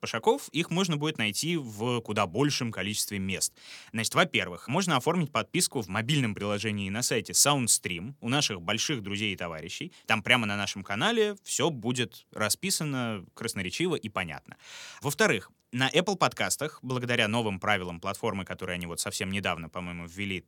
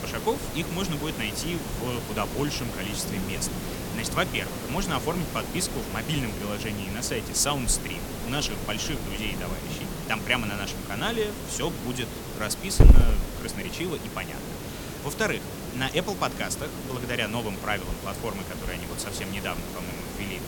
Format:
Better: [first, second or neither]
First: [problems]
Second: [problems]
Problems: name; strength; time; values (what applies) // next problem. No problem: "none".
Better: first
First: none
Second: hiss; loud; throughout; 1 dB below the speech